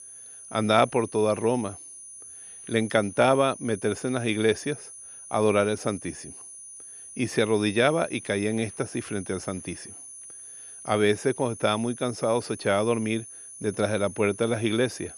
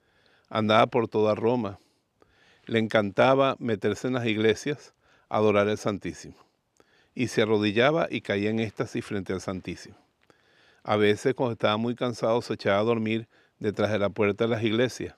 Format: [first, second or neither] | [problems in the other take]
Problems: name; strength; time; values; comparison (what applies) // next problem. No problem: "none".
second | high-pitched whine; noticeable; throughout; 10 kHz, 15 dB below the speech